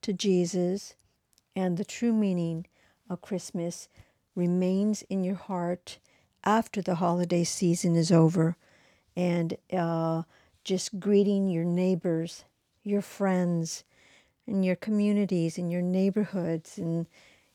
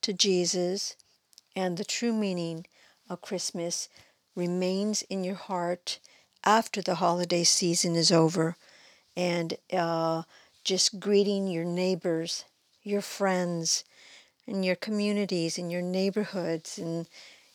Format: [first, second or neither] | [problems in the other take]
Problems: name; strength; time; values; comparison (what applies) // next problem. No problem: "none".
first | thin; very slightly; fading below 950 Hz